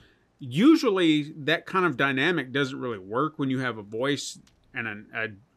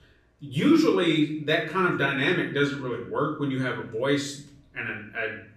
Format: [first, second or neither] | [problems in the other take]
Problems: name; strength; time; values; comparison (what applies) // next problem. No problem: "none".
first | off-mic speech; far // room echo; slight; dies away in 0.5 s